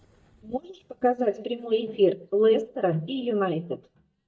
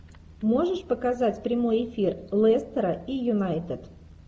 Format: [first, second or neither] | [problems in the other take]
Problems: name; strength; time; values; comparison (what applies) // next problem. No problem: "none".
second | noise reduction (neural mask model DeepFilterNet 3)